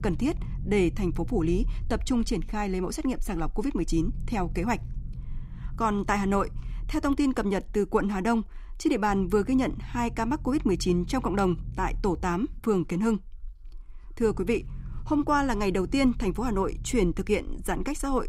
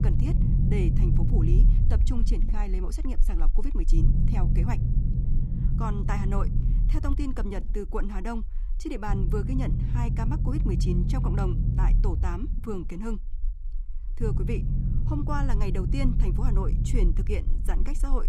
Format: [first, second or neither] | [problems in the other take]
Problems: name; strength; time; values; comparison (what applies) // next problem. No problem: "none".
first | low rumble; loud; throughout; 4 dB below the speech; faint in the first